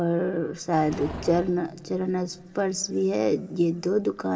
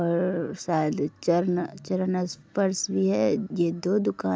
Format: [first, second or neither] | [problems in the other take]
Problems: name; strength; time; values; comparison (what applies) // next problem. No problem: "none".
second | background sound (Livestock, farm animals, working animals); 18 dB below the speech // room echo; dies away in 2.3 s